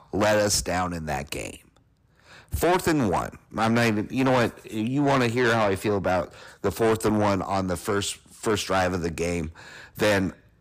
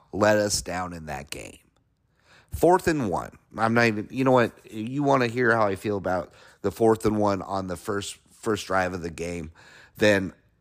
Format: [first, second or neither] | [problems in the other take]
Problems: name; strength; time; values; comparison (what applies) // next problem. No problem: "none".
second | distortion; heavy; 6 dB below the speech